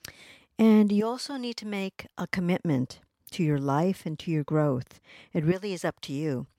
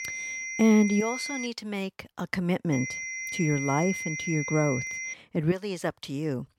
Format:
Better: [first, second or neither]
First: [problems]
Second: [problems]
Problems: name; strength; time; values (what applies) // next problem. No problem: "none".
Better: first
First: none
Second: high-pitched whine; loud; until 1.5 s and from 2.5 to 5 s; 2 kHz, 5 dB below the speech